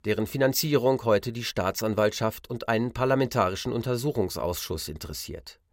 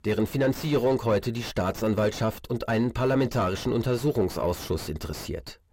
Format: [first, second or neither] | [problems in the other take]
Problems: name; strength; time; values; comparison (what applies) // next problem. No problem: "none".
first | distortion; heavy; 4 dB below the speech